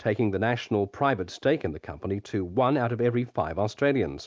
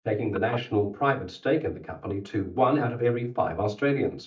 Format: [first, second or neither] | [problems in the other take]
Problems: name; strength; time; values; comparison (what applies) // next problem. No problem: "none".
first | noise reduction (neural mask model DeepFilterNet 3)